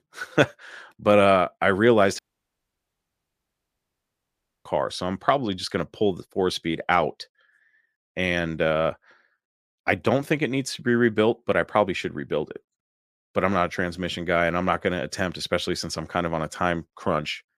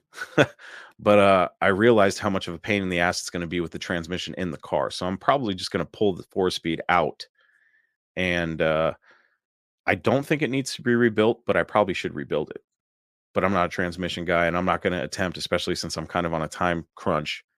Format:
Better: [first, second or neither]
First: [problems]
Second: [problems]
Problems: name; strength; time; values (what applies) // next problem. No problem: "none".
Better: second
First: audio cutting out; at 2 s for 2.5 s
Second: none